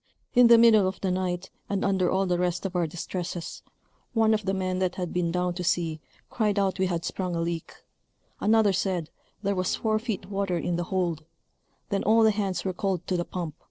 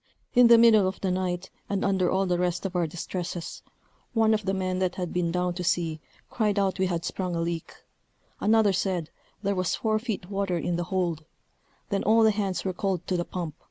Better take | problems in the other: second | noise reduction (neural separator model SepFormer DNS4)

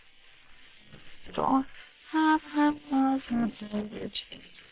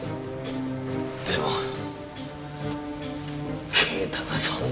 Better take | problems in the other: second | noise reduction (neural separator model SepFormer WHAM!)

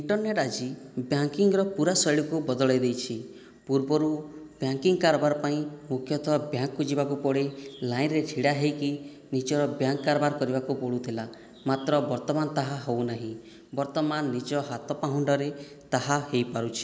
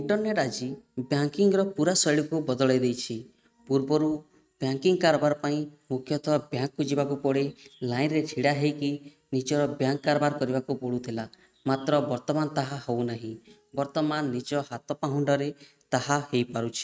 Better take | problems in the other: first | noise reduction (neural mask model RNNoise)

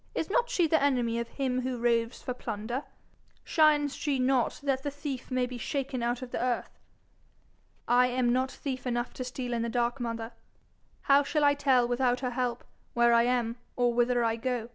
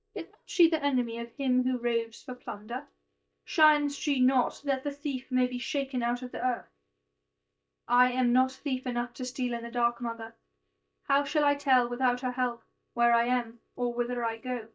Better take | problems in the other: first | noise reduction (neural mask model DeepFilterNet 3)

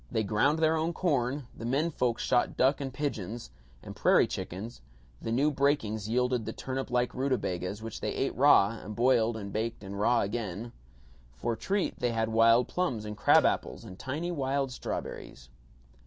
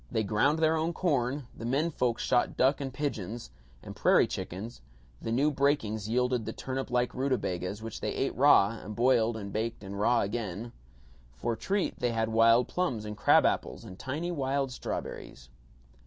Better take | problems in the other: second | background sound (Cowbell); 17 dB below the speech

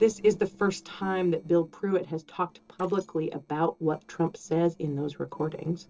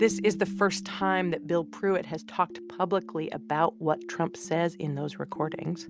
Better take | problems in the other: second | noise reduction (neural separator model SepFormer DNS4)

